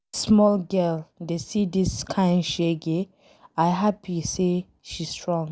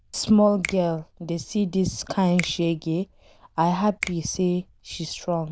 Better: first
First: none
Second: noise reduction (neural diffusion model UNIVERSE++)

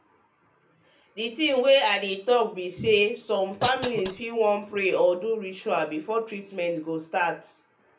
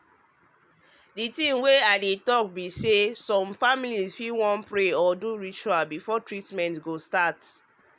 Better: second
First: background sound (Cough); 12 dB below the speech // room echo; dies away in 0.3 s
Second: none

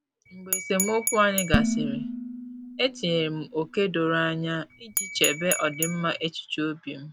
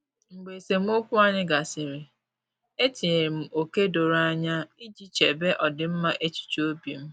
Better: second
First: background sound (Dishes, pots, and pans + Glass / Bell); 4 dB below the speech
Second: none

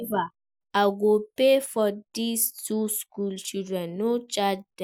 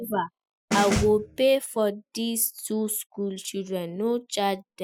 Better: first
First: none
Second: noise reduction (classical method spectral subtraction)

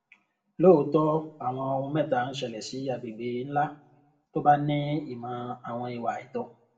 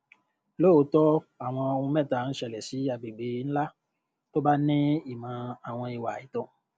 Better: second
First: room echo; dies away in 0.4 s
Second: none

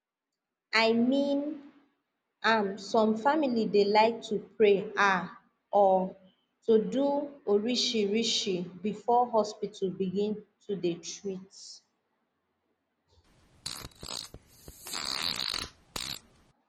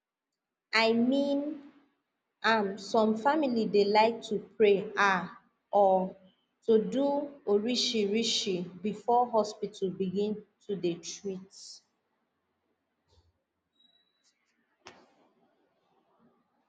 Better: second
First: background sound (Fart); 9 dB below the speech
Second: none

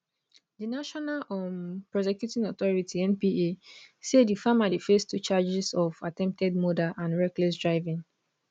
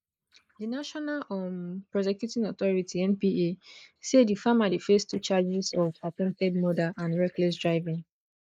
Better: first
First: none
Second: noise reduction (neural mask model Resemble Enhance denoiser)

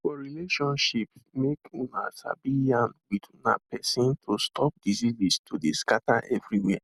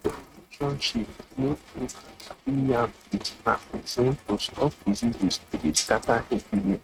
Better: first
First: none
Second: noise reduction (neural mask model RNNoise)

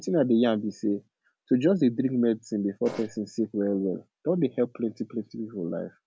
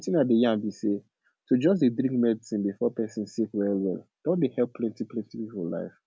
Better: second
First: background sound (Fart); 13 dB below the speech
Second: none

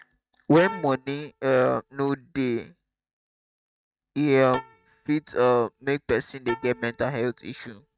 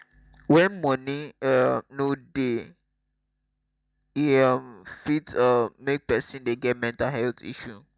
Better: second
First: noise reduction (neural mask model RNNoise)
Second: none

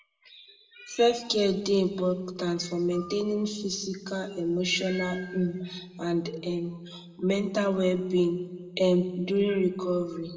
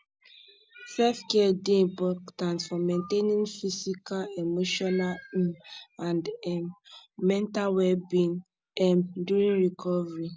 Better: second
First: room echo; dies away in 1.2 s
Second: none

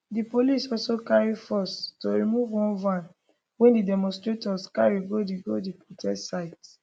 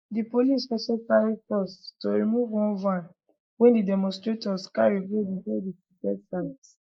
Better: first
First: none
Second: noise reduction (neural mask model Resemble Enhance denoiser)

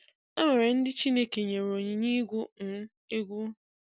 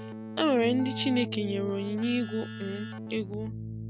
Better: first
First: none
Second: background sound (Keyboard (musical)); 7 dB below the speech

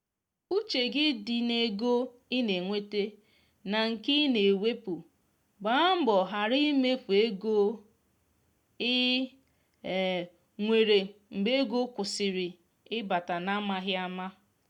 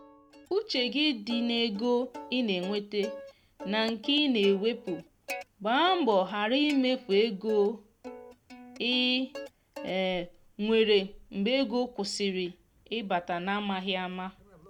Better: first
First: none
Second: background sound (Plucked string instrument); 17 dB below the speech

